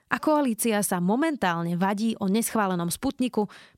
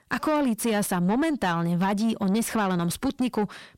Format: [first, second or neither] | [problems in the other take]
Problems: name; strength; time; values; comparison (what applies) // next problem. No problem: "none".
first | distortion; slight; 10 dB below the speech